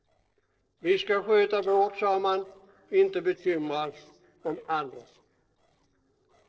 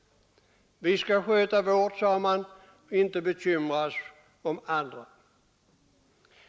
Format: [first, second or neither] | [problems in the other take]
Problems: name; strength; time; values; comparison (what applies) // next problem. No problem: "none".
second | noise reduction (neural separator model SepFormer DNS4)